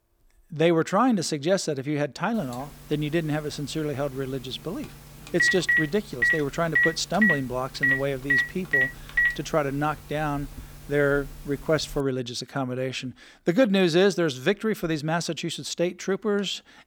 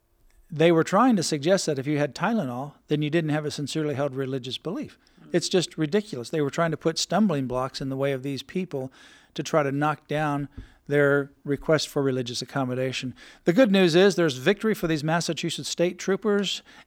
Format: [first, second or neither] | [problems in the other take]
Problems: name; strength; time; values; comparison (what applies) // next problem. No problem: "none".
second | phone ringing; loud; from 5.5 to 12 s; peak 6 dB above the speech